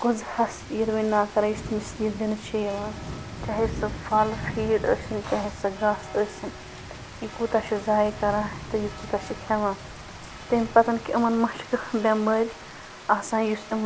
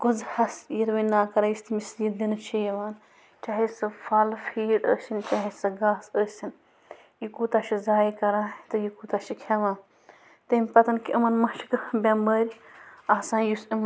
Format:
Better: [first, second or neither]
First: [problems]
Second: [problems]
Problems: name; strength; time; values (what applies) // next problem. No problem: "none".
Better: second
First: background sound (Rain); 12 dB below the speech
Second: none